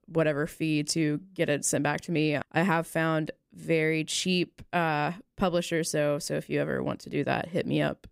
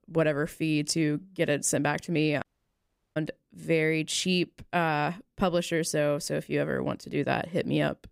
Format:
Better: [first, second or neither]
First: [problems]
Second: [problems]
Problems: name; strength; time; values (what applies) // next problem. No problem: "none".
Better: first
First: none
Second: audio cutting out; at 2.5 s for 0.5 s